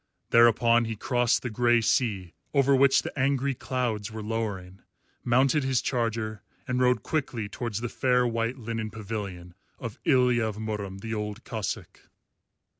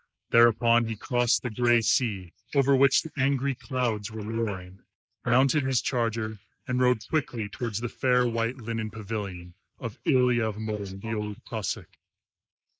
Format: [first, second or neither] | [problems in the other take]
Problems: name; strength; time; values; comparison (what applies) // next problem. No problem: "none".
first | noise reduction (neural mask model Resemble Enhance denoiser)